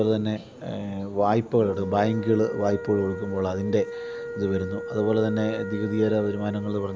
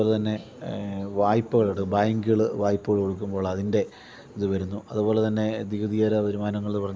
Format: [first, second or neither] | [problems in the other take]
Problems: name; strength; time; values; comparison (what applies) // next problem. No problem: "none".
second | background sound (Wind instrument, woodwind instrument); 11 dB below the speech